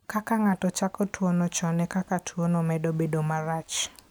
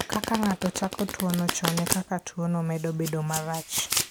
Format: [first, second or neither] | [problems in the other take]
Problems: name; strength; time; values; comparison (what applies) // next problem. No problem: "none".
first | background sound (Domestic sounds, home sounds); 4 dB below the speech